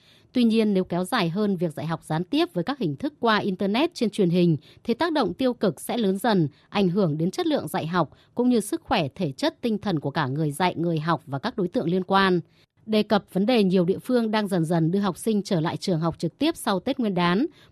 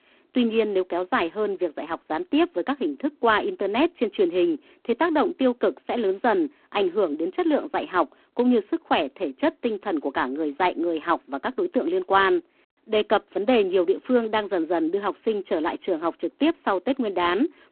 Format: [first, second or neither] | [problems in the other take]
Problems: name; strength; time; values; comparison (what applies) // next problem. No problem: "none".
first | phone-call audio; poor line